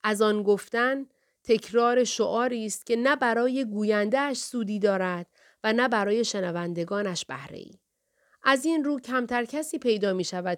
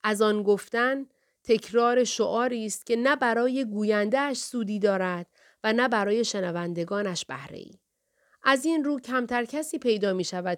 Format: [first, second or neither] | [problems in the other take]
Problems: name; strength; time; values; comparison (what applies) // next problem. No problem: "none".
neither | none